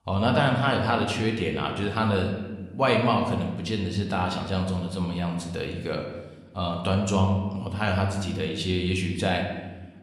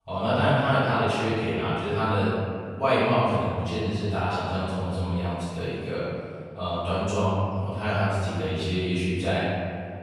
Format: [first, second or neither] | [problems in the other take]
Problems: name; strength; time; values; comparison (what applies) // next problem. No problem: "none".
first | room echo; strong; dies away in 2.1 s; slight in the first // off-mic speech; far